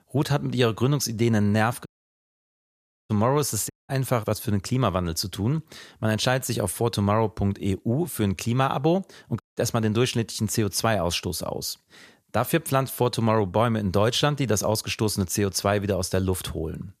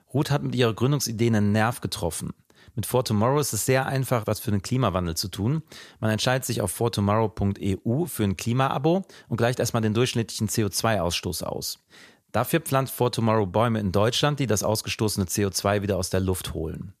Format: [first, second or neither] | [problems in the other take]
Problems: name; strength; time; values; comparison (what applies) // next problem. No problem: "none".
second | audio cutting out; at 2 s for 1 s, at 3.5 s and at 9.5 s